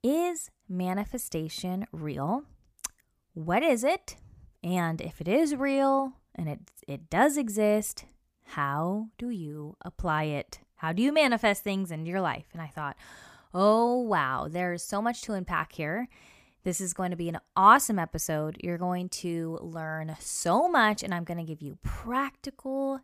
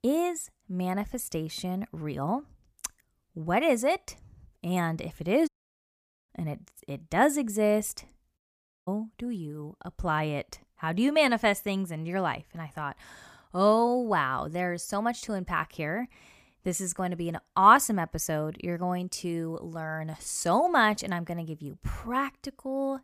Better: first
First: none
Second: audio cutting out; at 5.5 s for 1 s and at 8.5 s

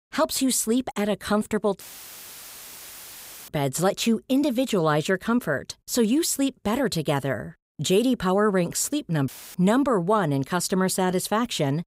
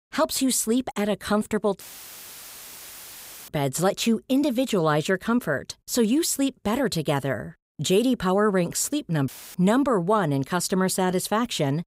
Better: neither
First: audio cutting out; filled with static; at 2 s for 1.5 s and at 9.5 s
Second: audio cutting out; filled with static; at 2 s for 1.5 s and at 9.5 s

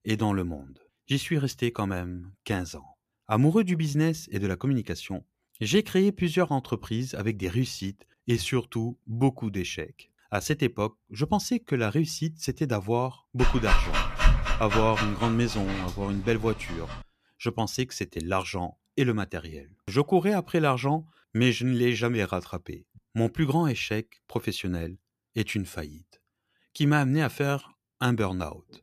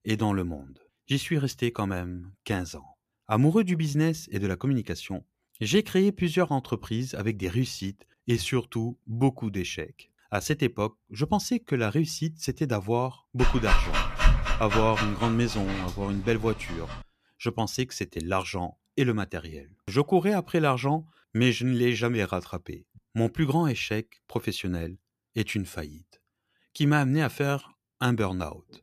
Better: neither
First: dog barking; loud; from 13 to 16 s; peak 3 dB above the speech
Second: dog barking; loud; from 13 to 16 s; peak 3 dB above the speech

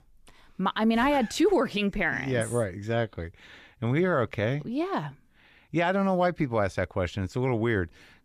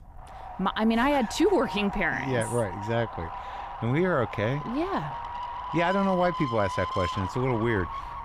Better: first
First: none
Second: wind noise on the microphone; heavy; 6 dB below the speech

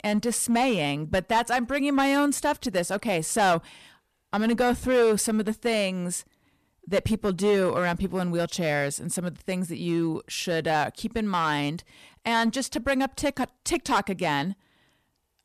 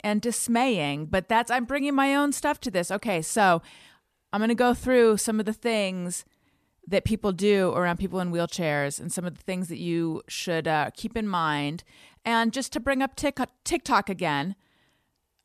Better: second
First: distortion; slight; 5% of the sound clipped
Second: none

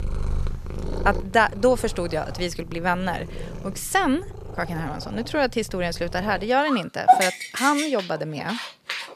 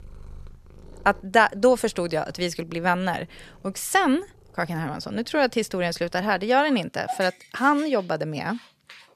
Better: second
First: animal sounds; loud; throughout; 4 dB below the speech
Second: animal sounds; faint; throughout; 20 dB below the speech

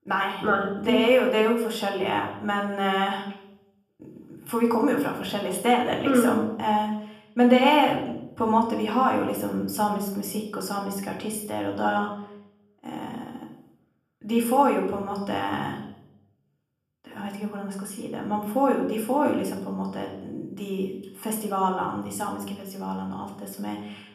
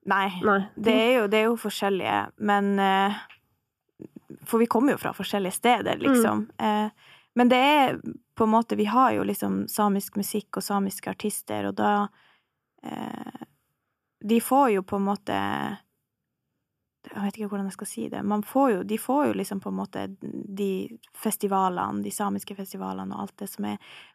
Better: second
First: room echo; slight; dies away in 0.7 s // off-mic speech; somewhat distant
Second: none

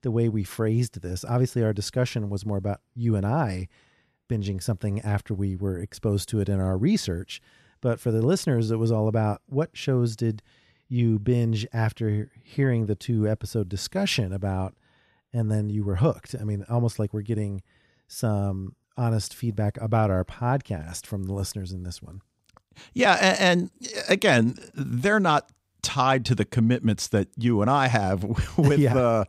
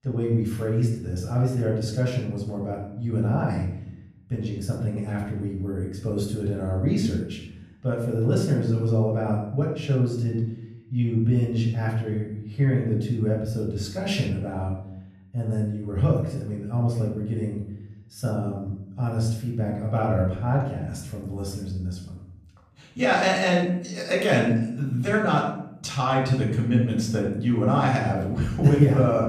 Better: first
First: none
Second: off-mic speech; far // room echo; noticeable; dies away in 0.8 s

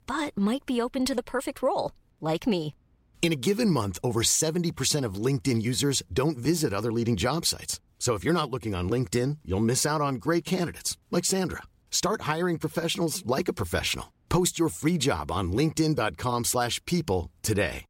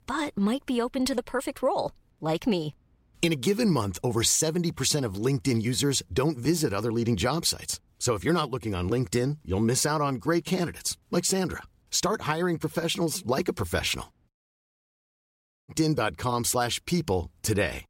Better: first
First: none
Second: audio cutting out; at 14 s for 1.5 s

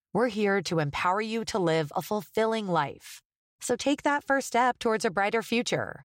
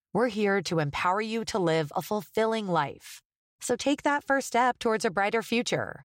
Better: neither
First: none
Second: none

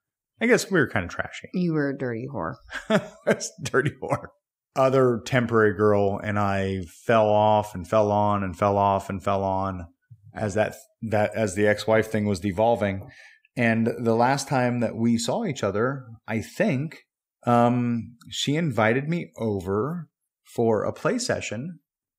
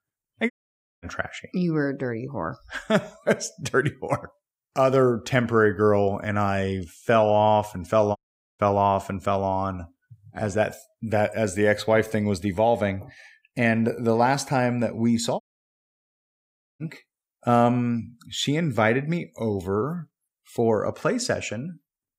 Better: first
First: none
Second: audio cutting out; at 0.5 s for 0.5 s, at 8 s and at 15 s for 1.5 s

